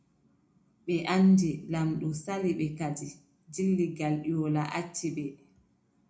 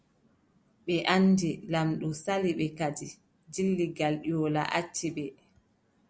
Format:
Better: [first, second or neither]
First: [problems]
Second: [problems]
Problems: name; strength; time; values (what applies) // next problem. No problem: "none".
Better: second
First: room echo; dies away in 0.4 s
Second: none